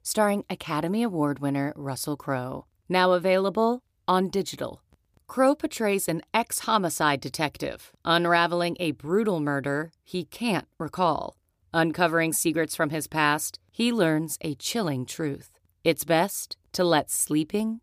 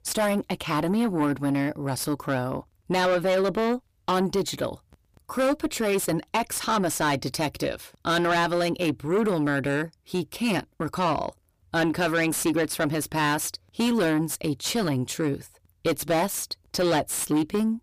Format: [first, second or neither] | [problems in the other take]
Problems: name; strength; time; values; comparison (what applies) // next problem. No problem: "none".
first | distortion; heavy; 6 dB below the speech